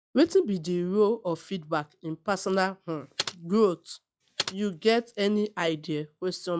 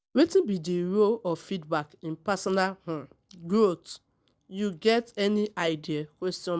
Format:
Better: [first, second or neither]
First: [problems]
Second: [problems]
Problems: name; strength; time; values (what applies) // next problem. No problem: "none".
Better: second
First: noise reduction (classical method log-MMSE)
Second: none